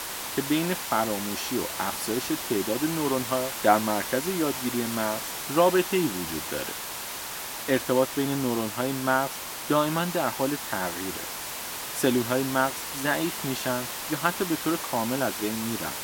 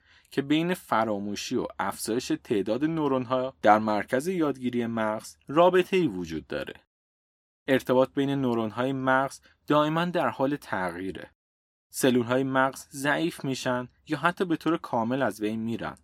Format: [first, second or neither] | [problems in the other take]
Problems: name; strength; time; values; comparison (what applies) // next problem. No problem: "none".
second | hiss; loud; throughout; 5 dB below the speech